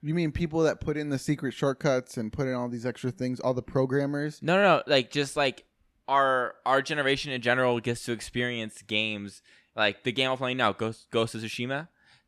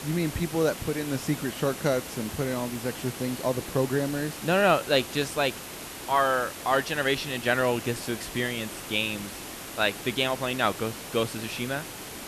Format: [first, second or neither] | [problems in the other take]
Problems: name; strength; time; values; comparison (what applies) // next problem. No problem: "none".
first | hiss; loud; throughout; 10 dB below the speech